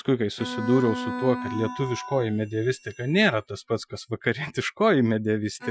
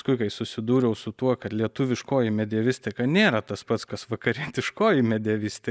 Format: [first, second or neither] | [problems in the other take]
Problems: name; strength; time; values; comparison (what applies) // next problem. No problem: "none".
second | noise reduction (classical method Wiener filter)